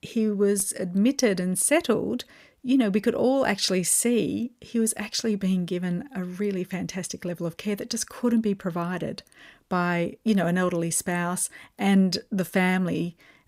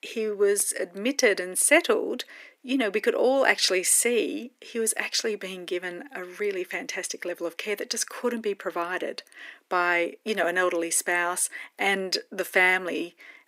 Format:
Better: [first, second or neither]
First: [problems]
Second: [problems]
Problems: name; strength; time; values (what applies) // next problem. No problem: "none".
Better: first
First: none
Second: thin; somewhat; fading below 300 Hz